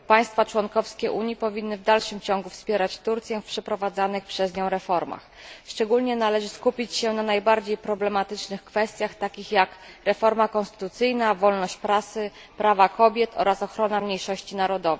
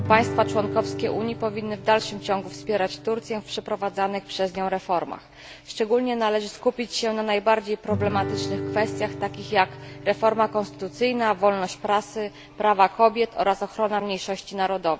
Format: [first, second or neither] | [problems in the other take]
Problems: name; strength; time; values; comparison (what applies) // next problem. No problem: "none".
first | background sound (Guitar); 11 dB below the speech